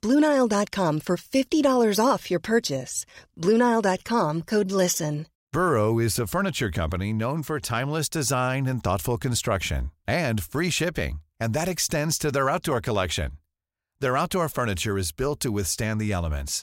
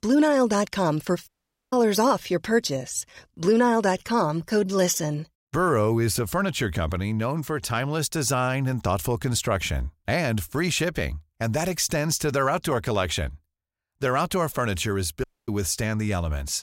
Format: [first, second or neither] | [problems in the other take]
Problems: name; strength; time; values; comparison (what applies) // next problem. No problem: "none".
first | audio cutting out; at 1.5 s and at 15 s